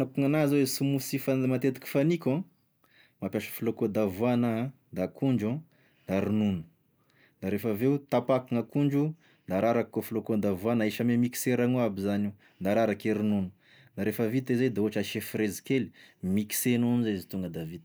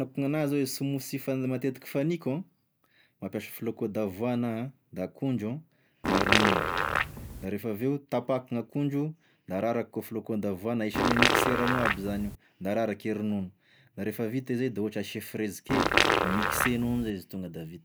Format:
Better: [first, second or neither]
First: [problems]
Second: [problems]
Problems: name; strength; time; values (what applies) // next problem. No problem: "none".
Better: first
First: none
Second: background sound (Fart); 5 dB above the speech